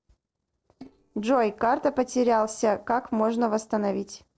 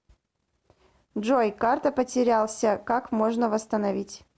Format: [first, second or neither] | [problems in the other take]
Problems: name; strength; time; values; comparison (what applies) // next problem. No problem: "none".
second | noise reduction (neural separator model SepFormer DNS4)